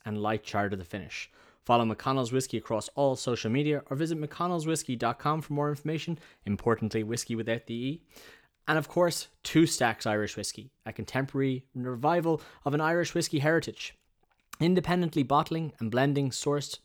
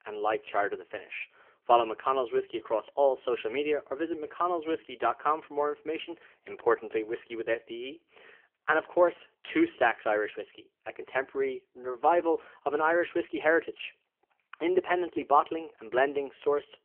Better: first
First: none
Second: phone-call audio; poor line; nothing above 3 kHz

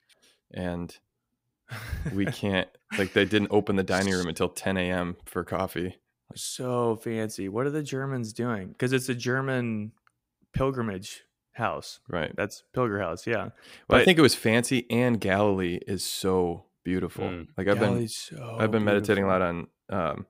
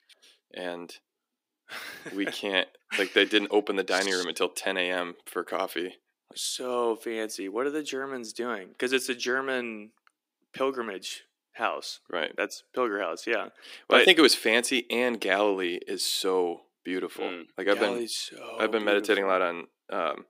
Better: first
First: none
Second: thin; somewhat; fading below 300 Hz

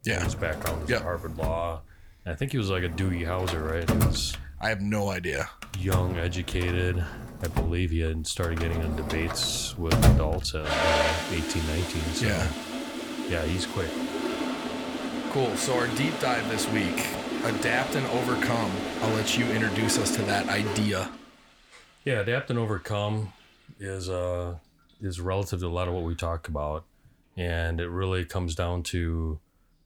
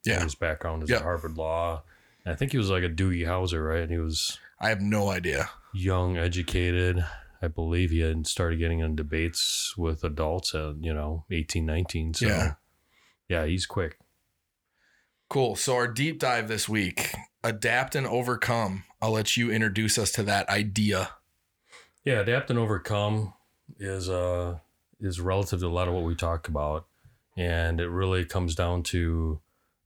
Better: second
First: household noises; loud; throughout; 1 dB below the speech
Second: none

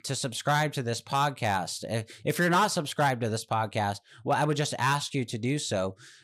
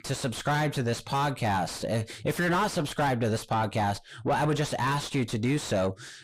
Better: first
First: none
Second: distortion; heavy; 6 dB below the speech

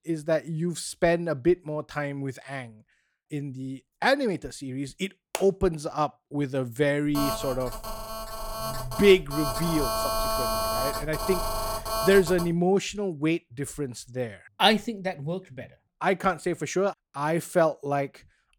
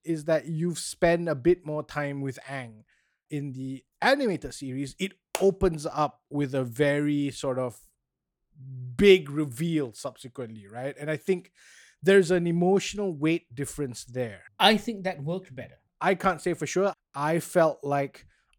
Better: second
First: phone ringing; loud; from 7 to 13 s; peak level with the speech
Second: none

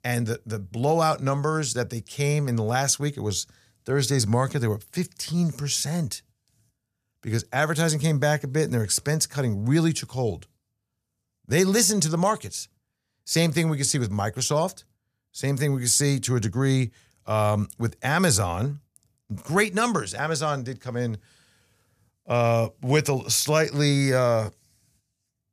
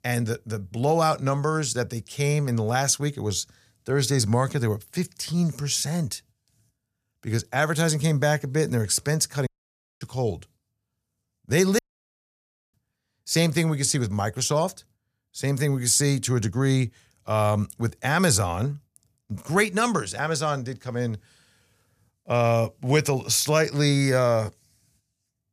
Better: first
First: none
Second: audio cutting out; at 9.5 s for 0.5 s and at 12 s for 1 s

